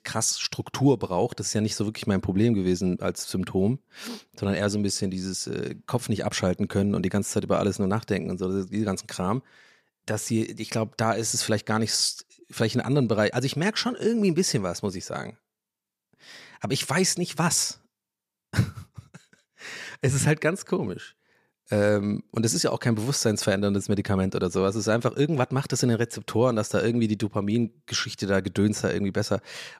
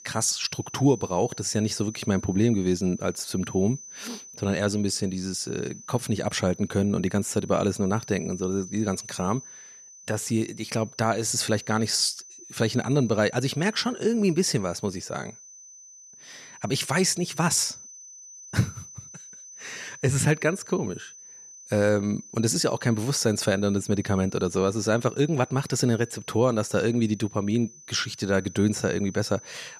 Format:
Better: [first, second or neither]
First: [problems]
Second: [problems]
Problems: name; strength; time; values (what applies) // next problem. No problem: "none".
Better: first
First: none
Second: high-pitched whine; noticeable; throughout; 6 kHz, 15 dB below the speech